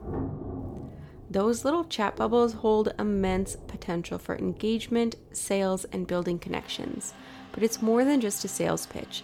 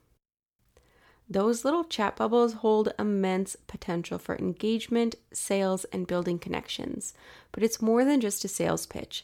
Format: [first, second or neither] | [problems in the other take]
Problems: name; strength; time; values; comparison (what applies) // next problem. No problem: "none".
second | rain or running water; noticeable; throughout; 15 dB below the speech